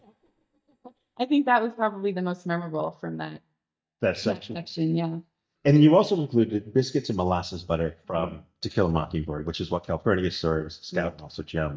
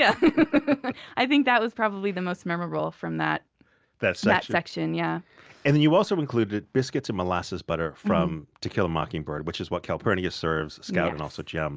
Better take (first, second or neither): second